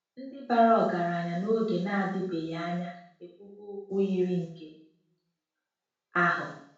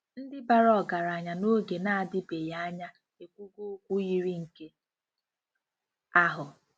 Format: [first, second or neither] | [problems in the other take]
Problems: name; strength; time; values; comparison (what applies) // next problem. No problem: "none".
second | room echo; dies away in 0.6 s